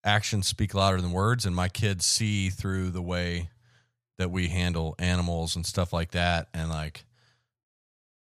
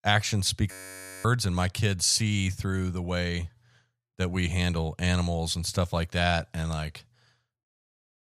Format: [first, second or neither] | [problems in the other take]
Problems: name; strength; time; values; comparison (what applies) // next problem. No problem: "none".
first | audio freezing; at 0.5 s for 0.5 s